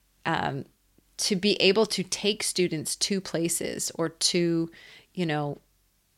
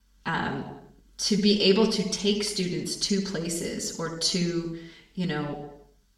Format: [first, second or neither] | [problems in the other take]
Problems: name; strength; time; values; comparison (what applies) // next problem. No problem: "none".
first | room echo; noticeable; dies away in 0.8 s // off-mic speech; far